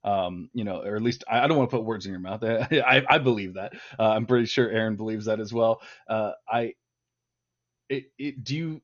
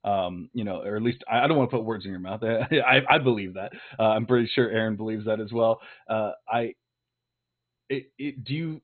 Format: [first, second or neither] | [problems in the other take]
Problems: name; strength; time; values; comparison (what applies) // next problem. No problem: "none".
first | garbled, watery; badly; nothing above 4 kHz; slightly in the first